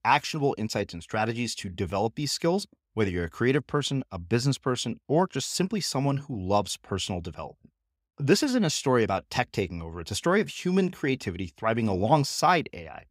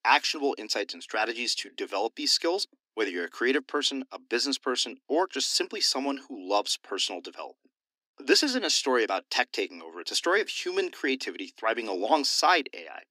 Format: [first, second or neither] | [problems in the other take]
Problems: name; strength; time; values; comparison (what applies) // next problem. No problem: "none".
first | thin; somewhat; fading below 250 Hz